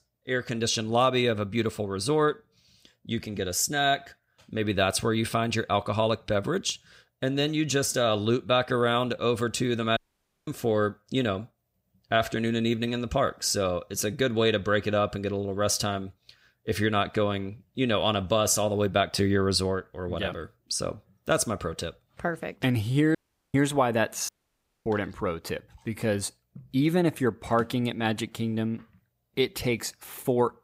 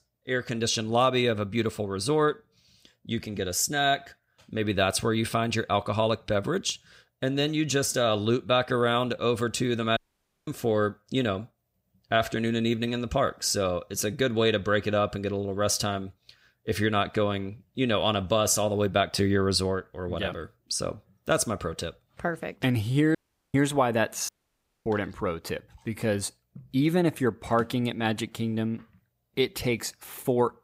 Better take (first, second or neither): neither